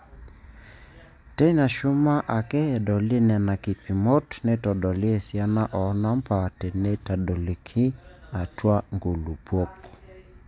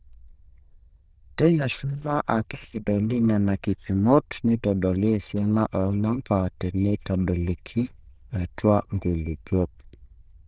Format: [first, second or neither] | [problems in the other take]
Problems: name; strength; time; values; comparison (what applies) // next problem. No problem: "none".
first | noise reduction (neural diffusion model UNIVERSE++)